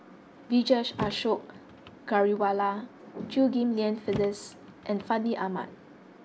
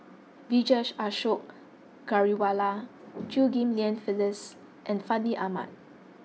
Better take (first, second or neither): second